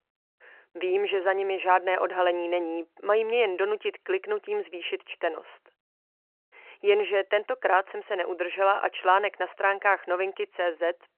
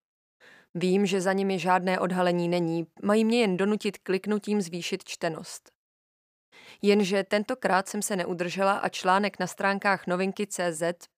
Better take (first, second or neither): second